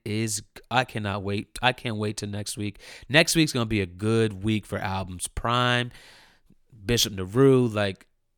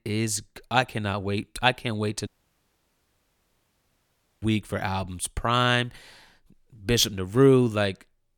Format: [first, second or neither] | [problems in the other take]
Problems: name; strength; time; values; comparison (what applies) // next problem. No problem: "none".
first | audio cutting out; at 2.5 s for 2 s